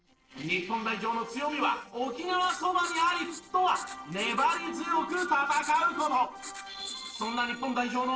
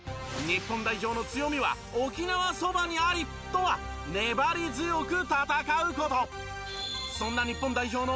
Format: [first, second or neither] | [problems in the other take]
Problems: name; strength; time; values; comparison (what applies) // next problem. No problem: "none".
second | noise reduction (neural separator model SepFormer DNS4)